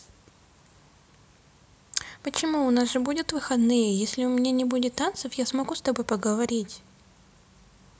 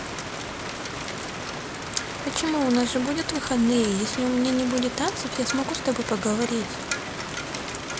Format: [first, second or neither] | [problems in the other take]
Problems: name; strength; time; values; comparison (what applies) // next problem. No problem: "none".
first | background sound (Rain); 5 dB below the speech